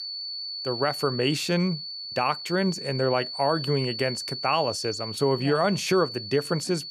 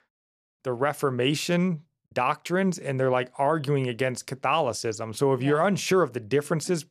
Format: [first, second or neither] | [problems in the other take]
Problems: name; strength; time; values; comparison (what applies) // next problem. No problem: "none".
second | high-pitched whine; loud; throughout; 4.5 kHz, 7 dB below the speech